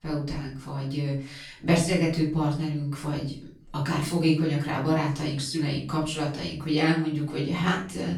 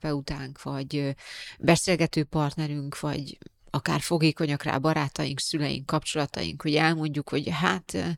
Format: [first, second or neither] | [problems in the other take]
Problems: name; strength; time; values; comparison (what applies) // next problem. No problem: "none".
second | off-mic speech; far // room echo; noticeable; dies away in 0.4 s